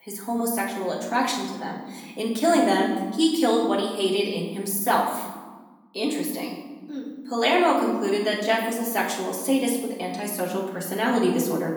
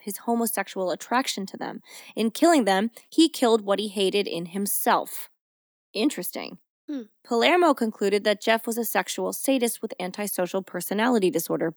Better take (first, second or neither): second